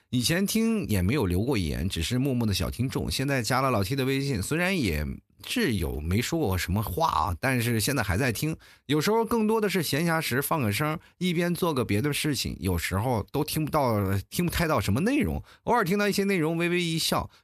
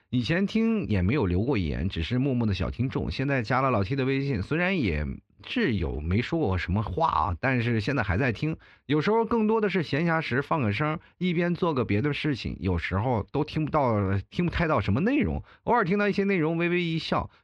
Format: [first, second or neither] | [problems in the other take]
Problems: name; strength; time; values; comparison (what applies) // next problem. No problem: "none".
first | muffled; slightly; fading above 3 kHz